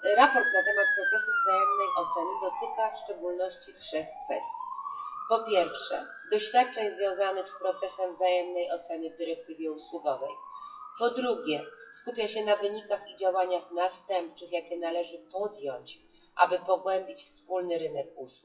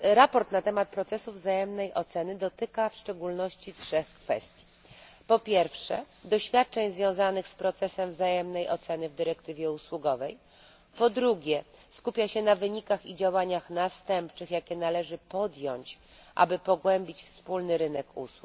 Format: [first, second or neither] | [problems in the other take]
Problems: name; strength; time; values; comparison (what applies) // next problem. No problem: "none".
second | noise reduction (classical method WPE with log-MMSE)